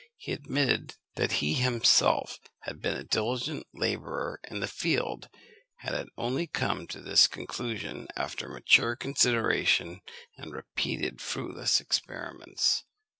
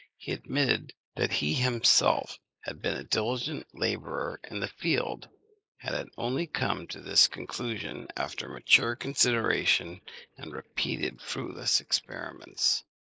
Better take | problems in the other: first | noise reduction (neural mask model Resemble Enhance denoiser)

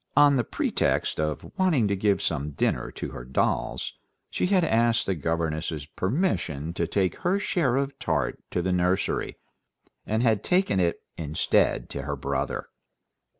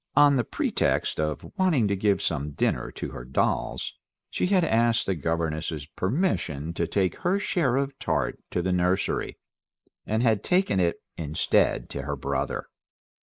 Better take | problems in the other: first | noise reduction (neural mask model Resemble Enhance denoiser)

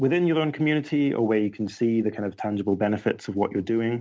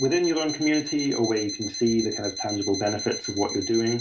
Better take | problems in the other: first | background sound (Alarm); 9 dB below the speech // room echo; dies away in 0.3 s

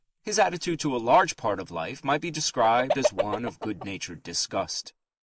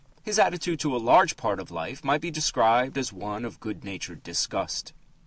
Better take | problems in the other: second | noise reduction (neural mask model Resemble Enhance denoiser)

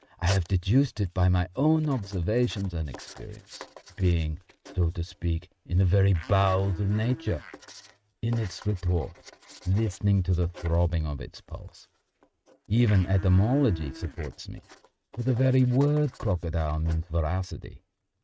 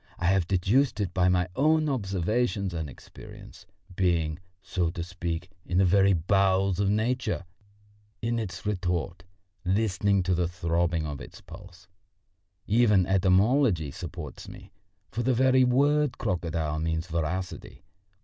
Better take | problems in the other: second | noise reduction (neural mask model RNNoise)

